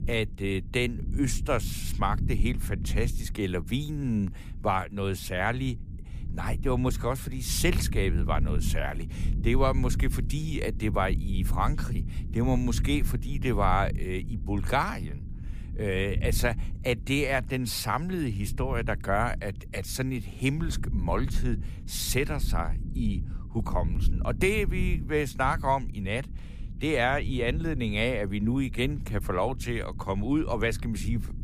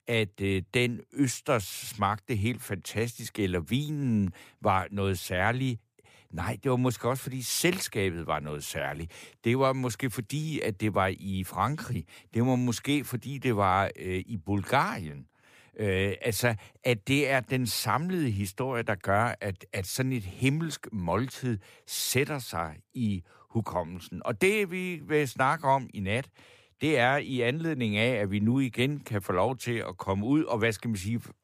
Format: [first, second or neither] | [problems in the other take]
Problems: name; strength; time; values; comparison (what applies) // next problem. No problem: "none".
second | low rumble; noticeable; throughout; 15 dB below the speech